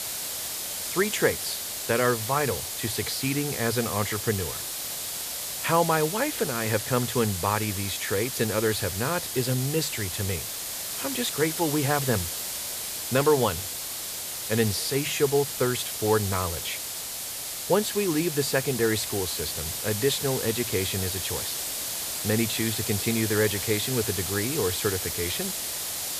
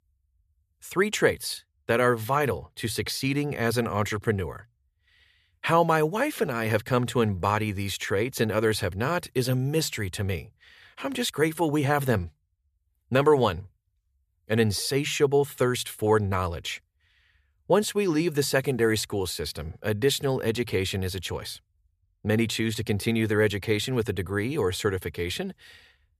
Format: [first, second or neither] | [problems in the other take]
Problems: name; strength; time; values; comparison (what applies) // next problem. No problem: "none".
second | hiss; loud; throughout; 3 dB below the speech